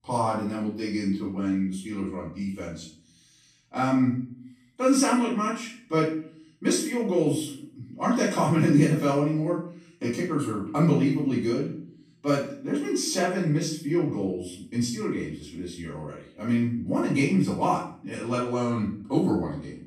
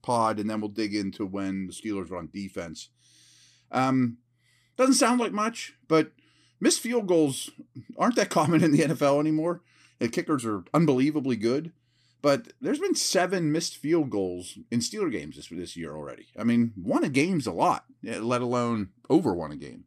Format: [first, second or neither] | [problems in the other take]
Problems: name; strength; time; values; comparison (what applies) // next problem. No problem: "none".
second | off-mic speech; far // room echo; noticeable; dies away in 0.5 s